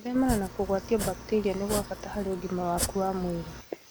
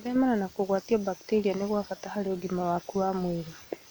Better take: second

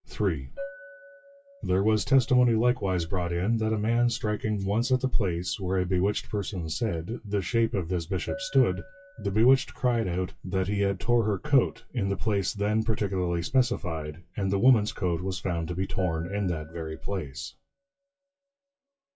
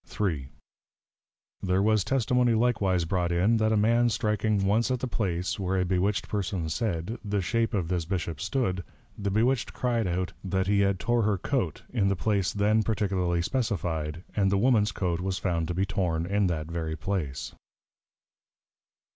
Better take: second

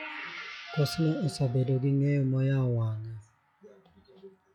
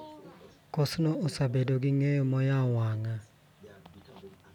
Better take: second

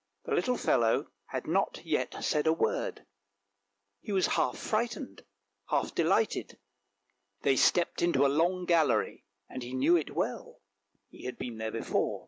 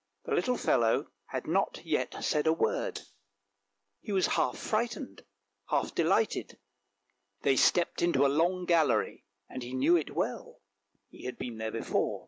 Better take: first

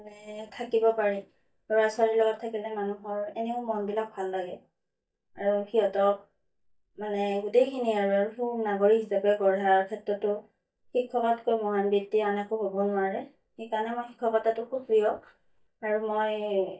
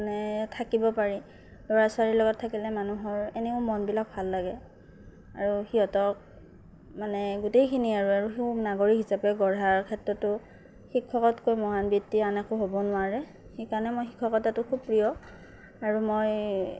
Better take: second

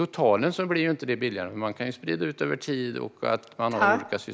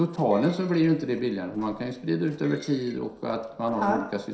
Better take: first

